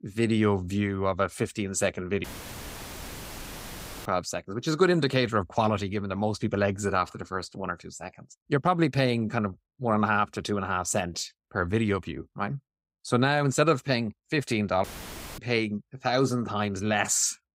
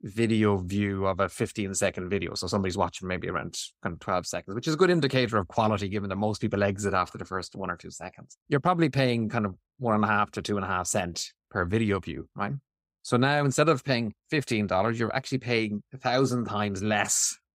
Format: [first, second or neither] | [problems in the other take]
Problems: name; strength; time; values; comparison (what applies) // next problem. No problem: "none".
second | audio cutting out; filled with static; at 2 s for 2 s and at 15 s for 0.5 s